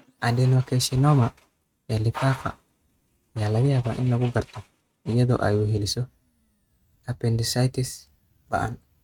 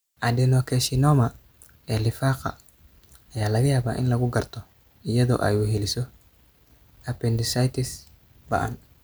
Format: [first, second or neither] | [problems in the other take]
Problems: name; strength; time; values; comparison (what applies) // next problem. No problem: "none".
second | noise reduction (neural mask model RNNoise)